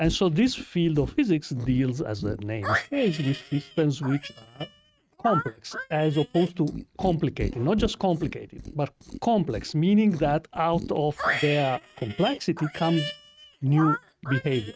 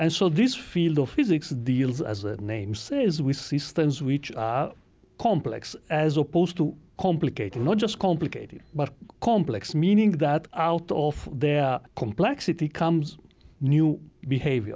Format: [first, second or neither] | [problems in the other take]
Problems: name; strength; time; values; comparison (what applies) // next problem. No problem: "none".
second | noise reduction (neural mask model RNNoise)